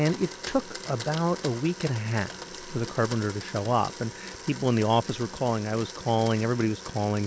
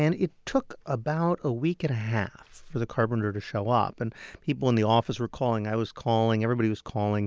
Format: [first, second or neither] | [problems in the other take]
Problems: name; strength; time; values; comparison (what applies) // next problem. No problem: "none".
second | background sound (Domestic sounds, home sounds); 13 dB below the speech